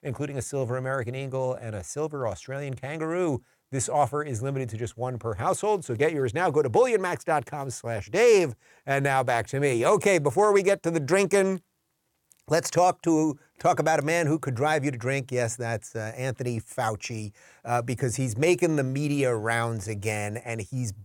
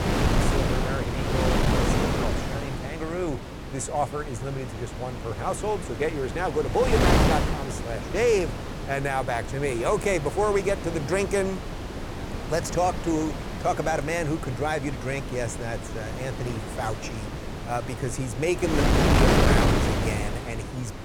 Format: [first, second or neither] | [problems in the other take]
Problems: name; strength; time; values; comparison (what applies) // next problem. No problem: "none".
first | wind noise on the microphone; heavy; 2 dB below the speech